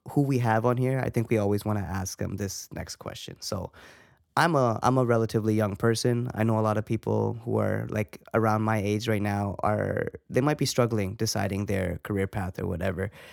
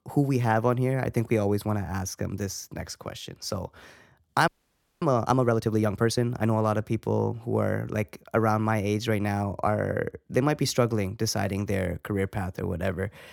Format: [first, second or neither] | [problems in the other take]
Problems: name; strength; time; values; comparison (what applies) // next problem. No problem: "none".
first | audio freezing; at 4.5 s for 0.5 s